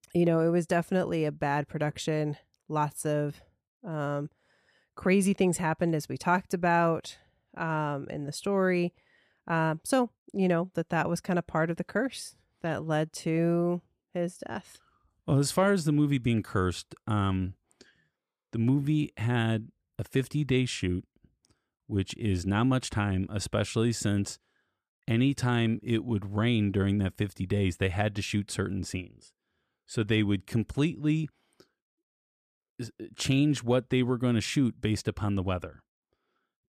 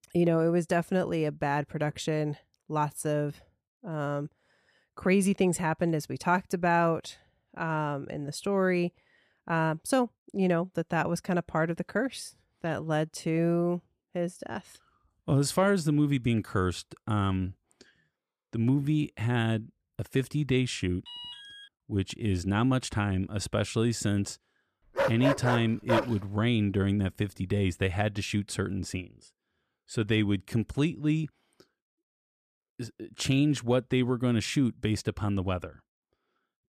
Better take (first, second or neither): first